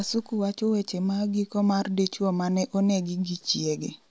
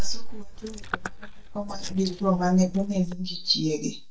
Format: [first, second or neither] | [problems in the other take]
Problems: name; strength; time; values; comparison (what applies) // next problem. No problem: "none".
first | noise reduction (neural mask model DeepFilterNet 3)